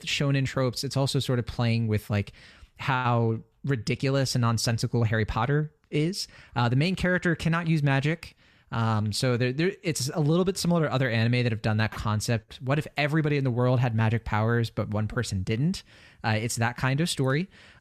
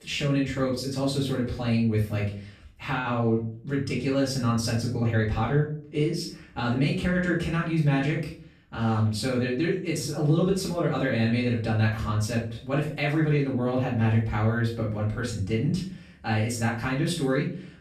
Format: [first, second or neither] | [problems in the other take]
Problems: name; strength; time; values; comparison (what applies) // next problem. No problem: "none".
first | room echo; noticeable; dies away in 0.4 s // off-mic speech; far